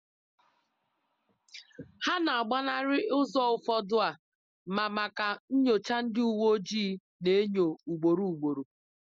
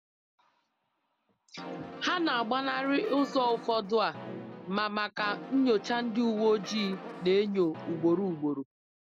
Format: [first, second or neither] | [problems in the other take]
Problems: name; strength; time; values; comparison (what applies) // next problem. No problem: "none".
first | background sound (Brass instrument); 13 dB below the speech